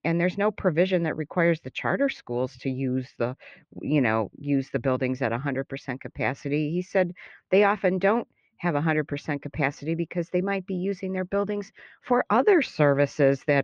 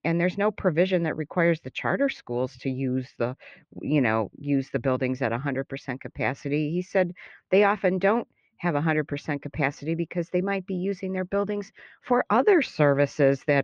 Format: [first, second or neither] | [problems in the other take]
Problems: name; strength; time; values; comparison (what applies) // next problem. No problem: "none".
neither | muffled; very; fading above 3.5 kHz; the same in both